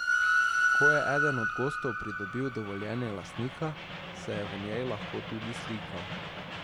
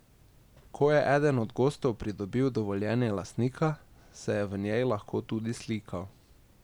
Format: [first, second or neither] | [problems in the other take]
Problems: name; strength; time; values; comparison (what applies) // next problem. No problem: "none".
second | background sound (Train); 4 dB above the speech